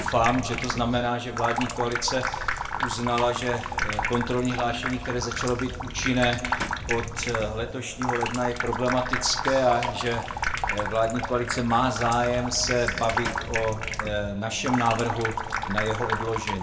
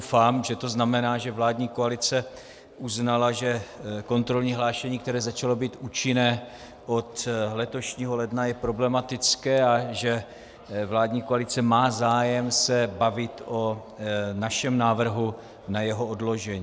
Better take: second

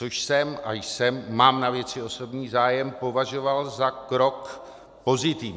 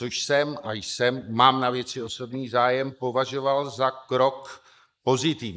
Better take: first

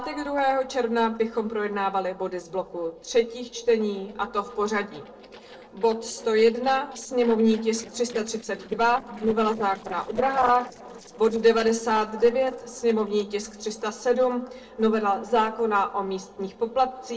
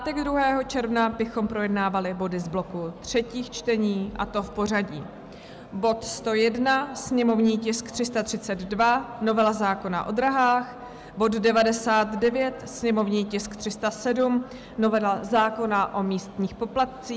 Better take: second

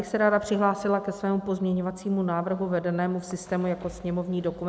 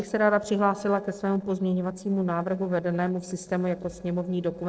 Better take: first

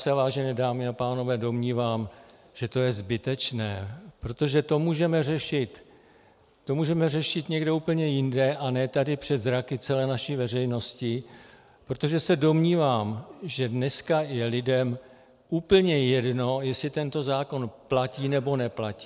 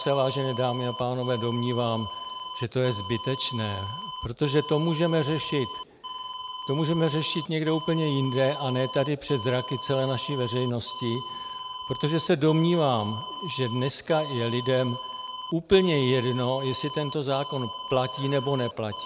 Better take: first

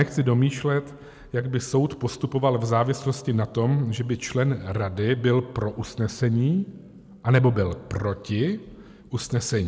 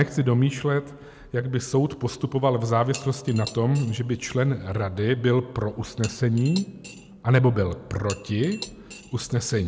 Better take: first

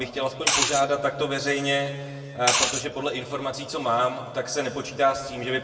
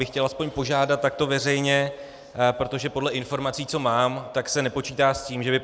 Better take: second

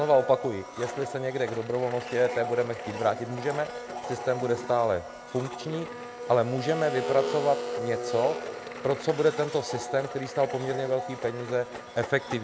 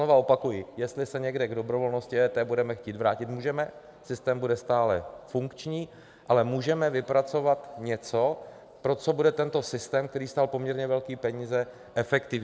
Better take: second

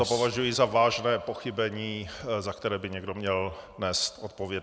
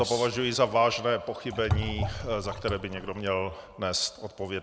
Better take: first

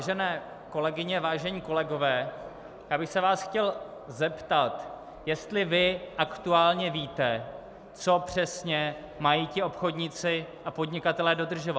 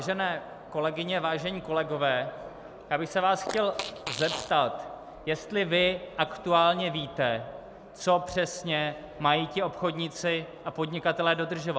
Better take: first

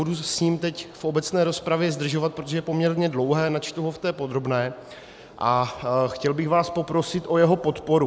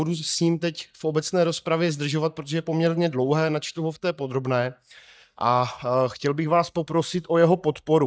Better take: first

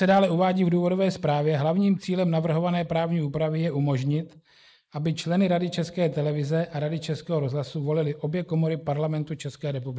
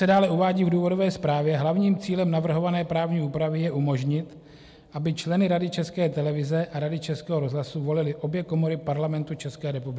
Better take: second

